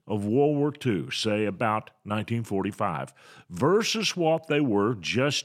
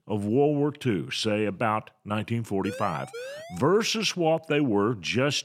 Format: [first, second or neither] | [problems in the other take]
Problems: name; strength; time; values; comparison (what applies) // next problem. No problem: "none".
first | siren; faint; at 2.5 s; peak 10 dB below the speech